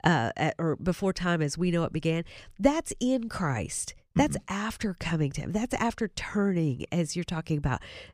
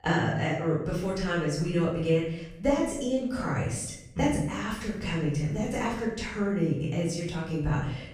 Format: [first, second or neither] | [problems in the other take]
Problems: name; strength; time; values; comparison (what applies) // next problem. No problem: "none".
first | off-mic speech; far // room echo; noticeable; dies away in 0.7 s